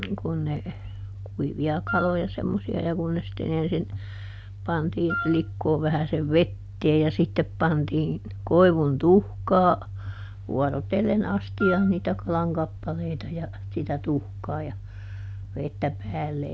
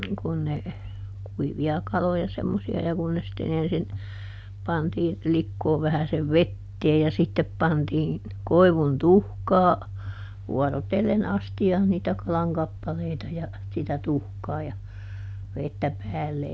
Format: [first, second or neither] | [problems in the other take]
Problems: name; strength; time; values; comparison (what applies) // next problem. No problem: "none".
second | background sound (Wind instrument, woodwind instrument); 8 dB below the speech